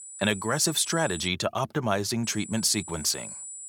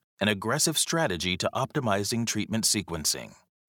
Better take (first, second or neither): second